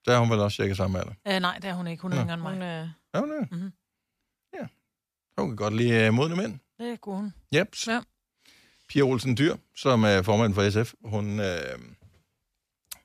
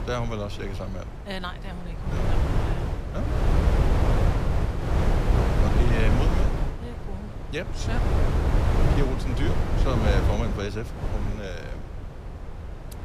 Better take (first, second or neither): first